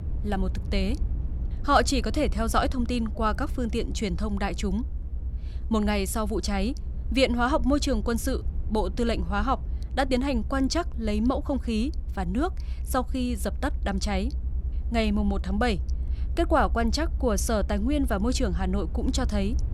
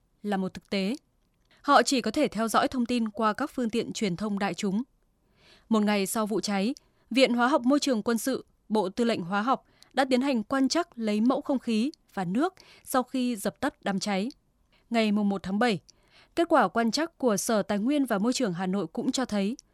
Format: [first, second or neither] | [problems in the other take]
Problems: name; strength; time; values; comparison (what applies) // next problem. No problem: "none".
second | low rumble; faint; throughout; 20 dB below the speech